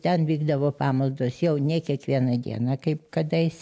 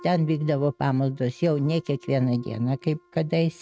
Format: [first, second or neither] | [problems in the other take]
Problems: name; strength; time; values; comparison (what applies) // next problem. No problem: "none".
first | noise reduction (neural mask model RNNoise)